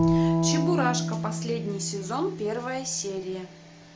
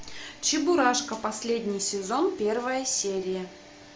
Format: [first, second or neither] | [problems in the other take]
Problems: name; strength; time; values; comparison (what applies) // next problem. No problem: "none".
second | background sound (Bowed string instrument); 2 dB above the speech